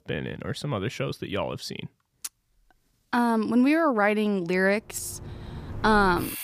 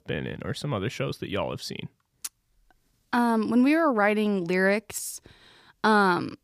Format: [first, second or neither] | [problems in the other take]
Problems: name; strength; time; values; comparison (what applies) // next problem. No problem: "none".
second | household noises; noticeable; from 5 s on; 15 dB below the speech